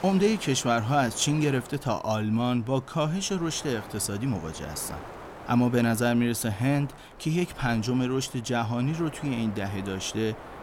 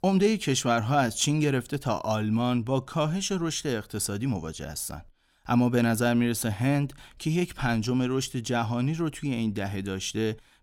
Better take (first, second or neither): second